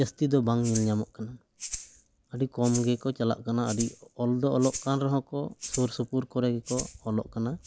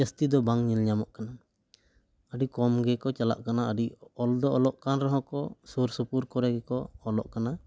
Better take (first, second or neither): second